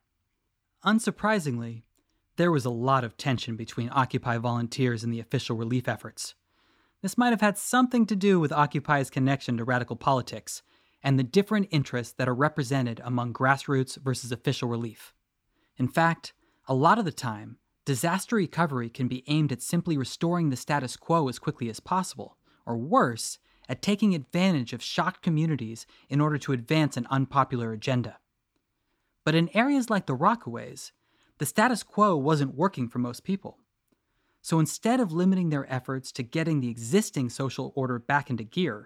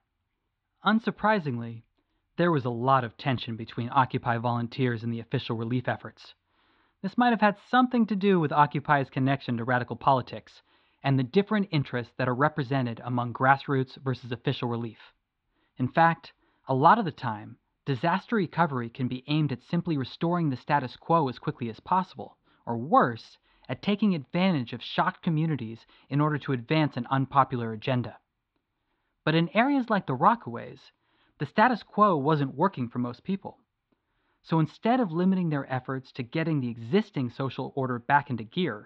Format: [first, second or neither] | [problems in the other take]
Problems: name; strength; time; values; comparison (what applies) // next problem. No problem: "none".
first | muffled; slightly; fading above 4 kHz